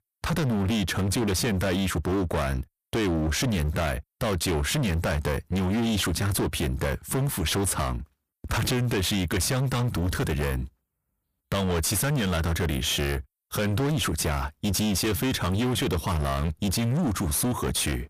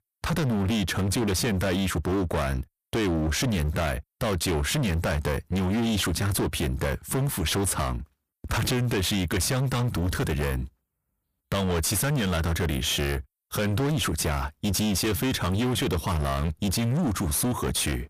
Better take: neither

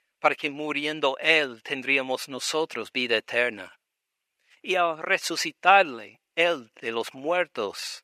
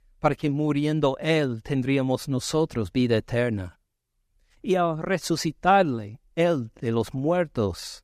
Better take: second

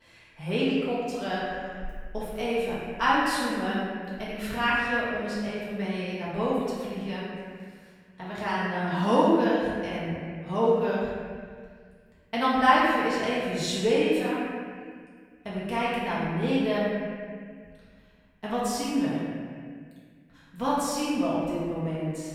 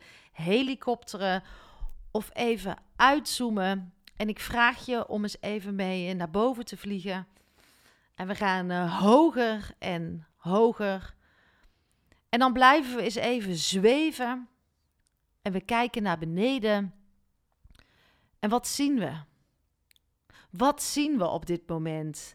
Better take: second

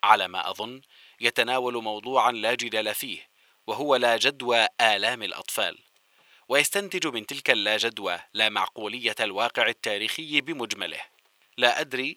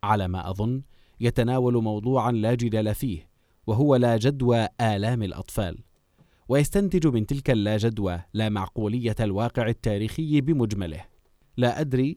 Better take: second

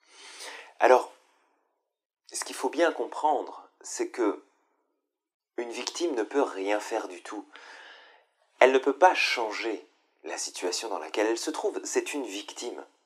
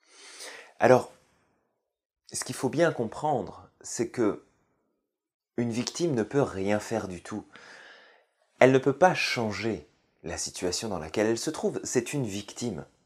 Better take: second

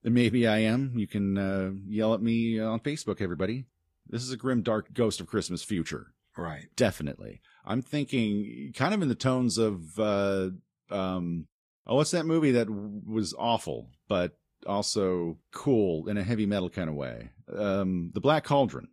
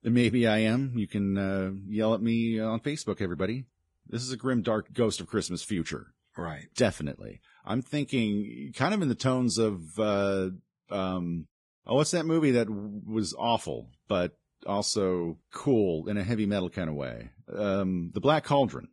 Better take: first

